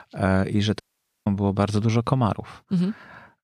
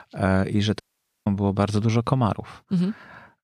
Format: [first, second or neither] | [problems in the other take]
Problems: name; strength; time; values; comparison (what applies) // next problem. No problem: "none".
neither | audio cutting out; at 1 s; the same in both